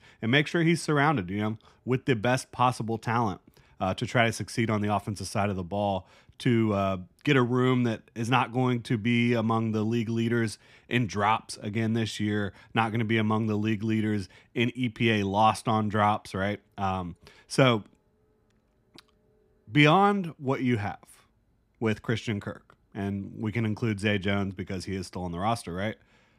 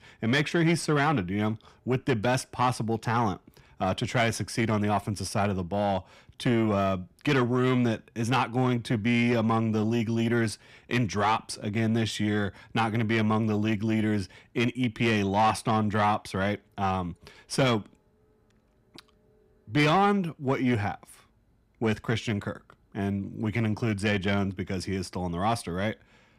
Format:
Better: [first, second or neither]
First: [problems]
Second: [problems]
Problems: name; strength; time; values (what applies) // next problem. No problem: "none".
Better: first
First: none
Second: distortion; slight; 10 dB below the speech